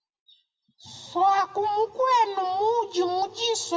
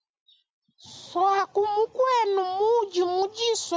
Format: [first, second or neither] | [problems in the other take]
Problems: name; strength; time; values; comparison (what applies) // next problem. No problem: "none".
second | room echo; dies away in 1.7 s